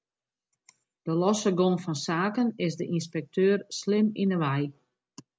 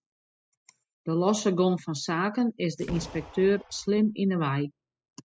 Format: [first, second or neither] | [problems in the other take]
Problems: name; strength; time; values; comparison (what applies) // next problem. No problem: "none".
first | noise reduction (classical method spectral subtraction)